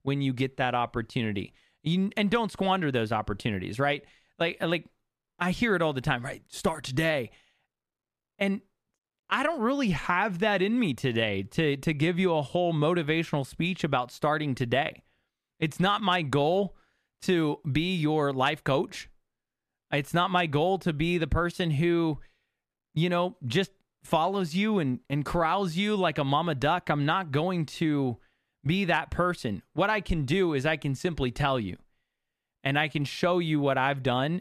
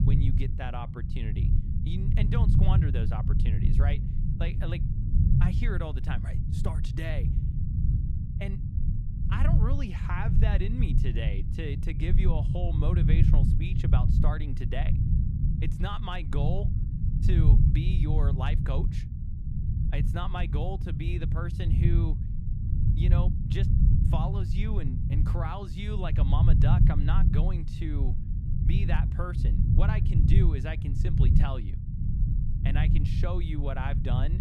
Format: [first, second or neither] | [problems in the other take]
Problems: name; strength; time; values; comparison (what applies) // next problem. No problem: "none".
first | low rumble; loud; throughout; 2 dB below the speech